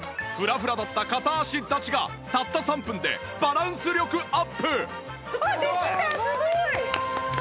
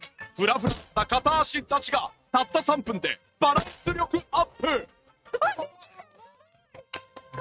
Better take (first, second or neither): first